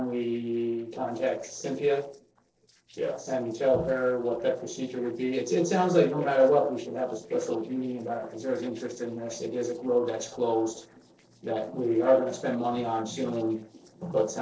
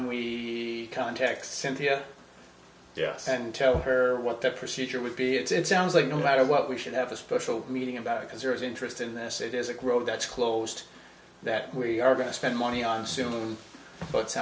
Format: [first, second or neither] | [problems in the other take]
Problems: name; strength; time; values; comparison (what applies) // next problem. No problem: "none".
second | noise reduction (neural separator model SepFormer DNS4)